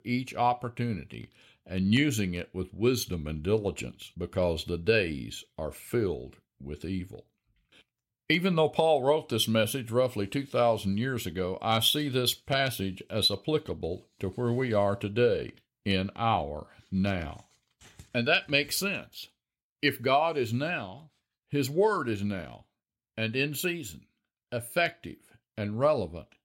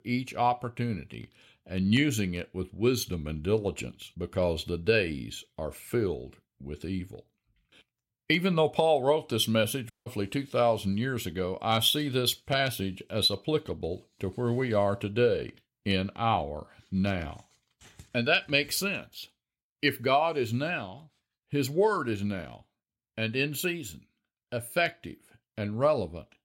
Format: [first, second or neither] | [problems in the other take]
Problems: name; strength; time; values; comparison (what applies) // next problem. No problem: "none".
first | audio cutting out; at 10 s